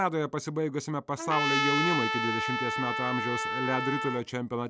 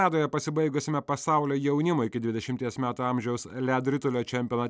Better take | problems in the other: second | background sound (Trumpet); as loud as the speech

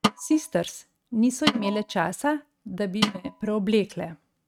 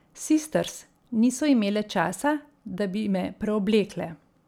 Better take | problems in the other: second | noise reduction (neural mask model RNNoise)

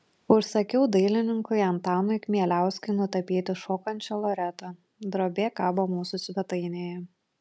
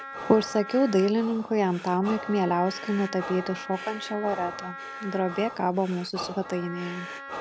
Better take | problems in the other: first | background sound (Breathing + Wind instrument, woodwind instrument); 11 dB below the speech

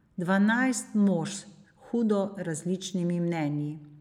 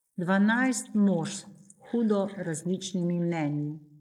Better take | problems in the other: first | noise reduction (neural mask model Resemble Enhance denoiser)

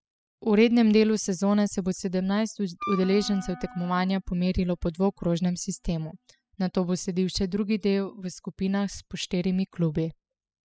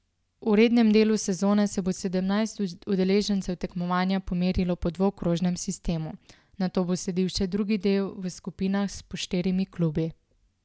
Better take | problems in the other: second | noise reduction (classical method spectral subtraction)

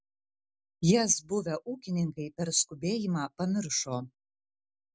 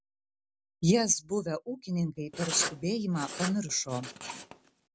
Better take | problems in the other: first | background sound (Writing); 8 dB below the speech

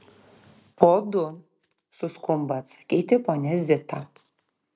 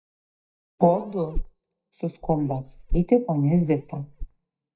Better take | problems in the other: first | noise reduction (neural mask model DeepFilterNet 3)

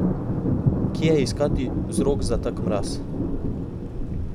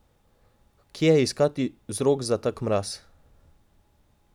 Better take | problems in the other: second | background sound (Thunder); 4 dB above the speech

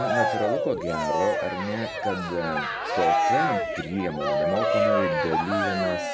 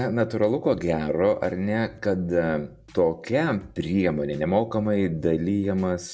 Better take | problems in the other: second | background sound (Cheering); 4 dB above the speech

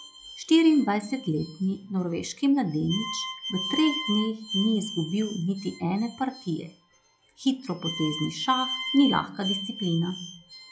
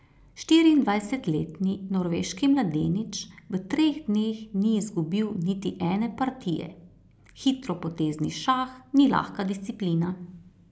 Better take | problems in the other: second | noise reduction (classical method log-MMSE)

